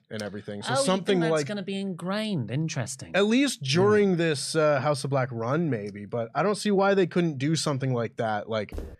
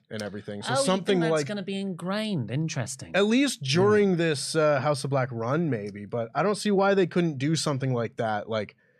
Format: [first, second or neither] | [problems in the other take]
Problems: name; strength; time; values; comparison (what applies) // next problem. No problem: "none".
second | footsteps; faint; at 8.5 s; peak 15 dB below the speech